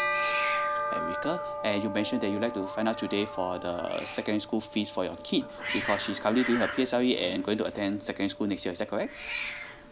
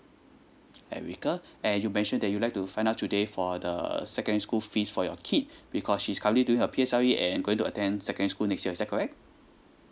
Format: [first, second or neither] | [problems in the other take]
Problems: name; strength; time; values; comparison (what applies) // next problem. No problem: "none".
second | background sound (Bell + Hiss); 5 dB below the speech